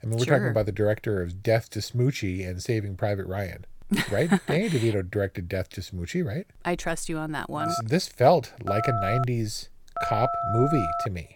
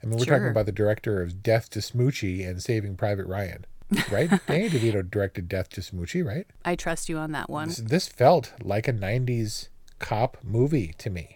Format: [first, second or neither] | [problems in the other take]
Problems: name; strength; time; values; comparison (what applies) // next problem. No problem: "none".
second | phone ringing; noticeable; from 7.5 s on; peak 1 dB below the speech